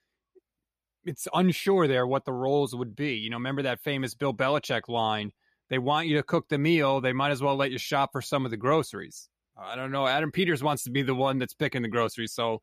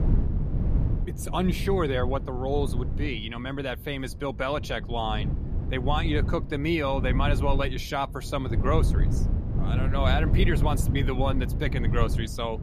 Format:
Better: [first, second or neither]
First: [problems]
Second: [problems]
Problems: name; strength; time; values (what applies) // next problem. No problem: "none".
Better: first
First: none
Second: wind noise on the microphone; occasional gusts; 10 dB below the speech